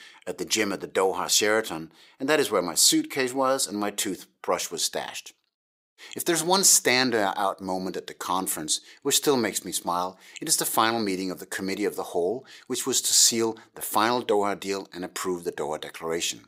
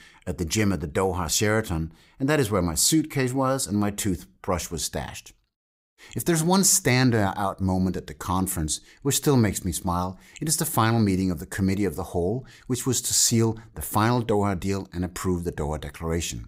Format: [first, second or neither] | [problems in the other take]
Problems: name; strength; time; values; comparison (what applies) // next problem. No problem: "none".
second | thin; somewhat; fading below 400 Hz